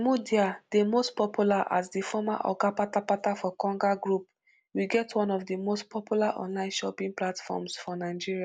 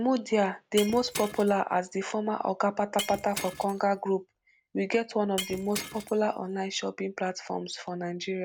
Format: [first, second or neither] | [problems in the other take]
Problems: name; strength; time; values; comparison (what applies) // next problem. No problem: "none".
first | background sound (Shatter); 13 dB below the speech